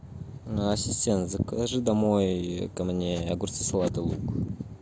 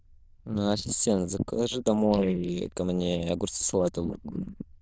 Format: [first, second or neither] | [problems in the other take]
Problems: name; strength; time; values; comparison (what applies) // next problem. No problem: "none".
first | noise reduction (neural diffusion model UNIVERSE++)